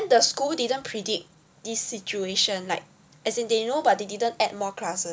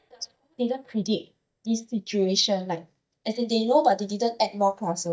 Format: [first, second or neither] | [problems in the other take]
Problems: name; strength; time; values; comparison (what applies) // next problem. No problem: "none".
first | noise reduction (neural mask model DeepFilterNet 3)